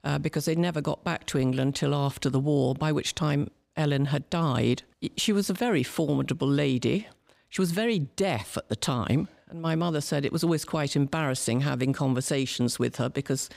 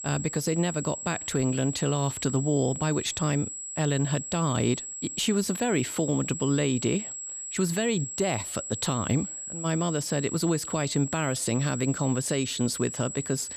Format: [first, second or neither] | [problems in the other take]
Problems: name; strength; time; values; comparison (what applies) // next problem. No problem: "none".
first | high-pitched whine; loud; throughout; 7.5 kHz, 6 dB below the speech